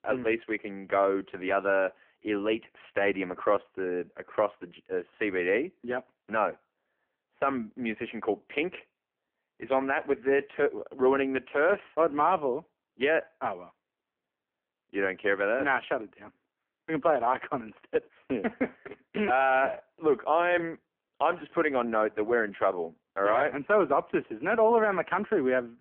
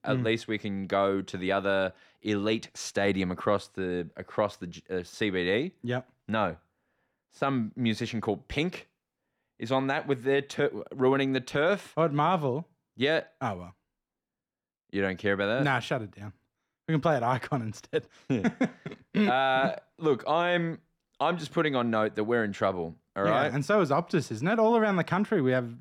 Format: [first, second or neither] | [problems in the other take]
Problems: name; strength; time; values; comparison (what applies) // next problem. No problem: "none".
second | phone-call audio; poor line